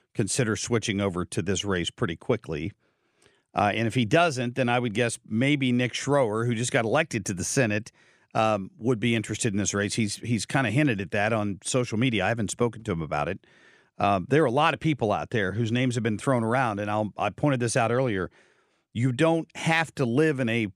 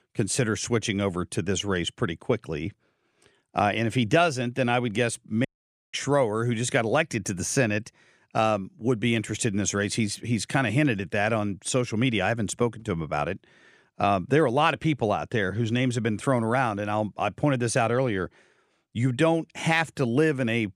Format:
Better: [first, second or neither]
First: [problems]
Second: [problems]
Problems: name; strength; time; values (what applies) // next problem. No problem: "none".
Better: first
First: none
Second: audio cutting out; at 5.5 s